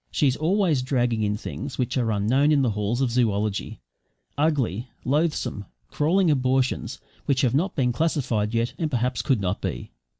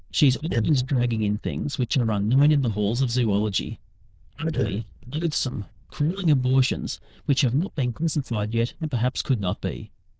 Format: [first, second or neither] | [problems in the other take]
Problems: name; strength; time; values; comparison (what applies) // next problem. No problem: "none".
first | noise reduction (neural diffusion model UNIVERSE++)